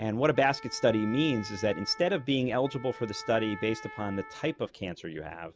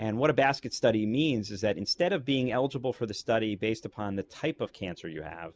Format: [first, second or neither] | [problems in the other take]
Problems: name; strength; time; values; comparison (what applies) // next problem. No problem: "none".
second | background sound (Wind instrument, woodwind instrument); 16 dB below the speech